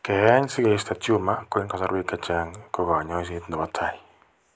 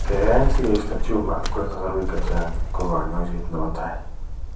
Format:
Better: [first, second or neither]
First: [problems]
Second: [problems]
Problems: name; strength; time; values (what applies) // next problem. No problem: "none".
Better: first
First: none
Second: background sound (Bird); 3 dB above the speech // room echo; dies away in 0.6 s